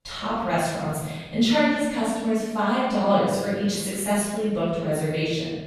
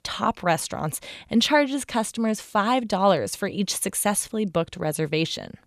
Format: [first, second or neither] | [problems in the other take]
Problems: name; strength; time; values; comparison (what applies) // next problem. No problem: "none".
second | off-mic speech; far // room echo; strong; dies away in 1.4 s